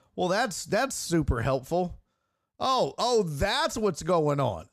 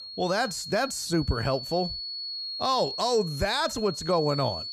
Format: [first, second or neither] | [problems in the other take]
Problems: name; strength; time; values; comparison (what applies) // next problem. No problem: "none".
first | high-pitched whine; loud; throughout; 4.5 kHz, 7 dB below the speech